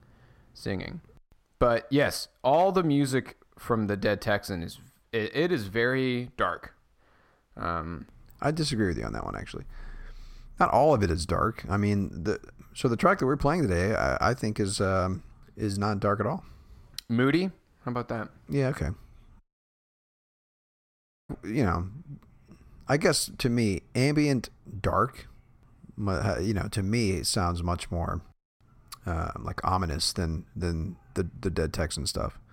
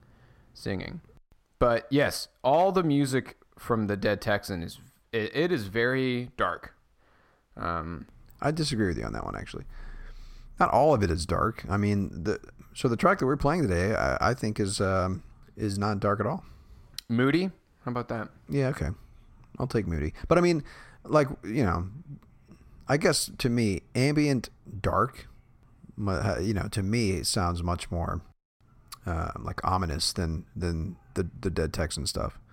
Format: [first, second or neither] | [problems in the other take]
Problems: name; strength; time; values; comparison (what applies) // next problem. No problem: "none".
second | audio cutting out; at 19 s for 2 s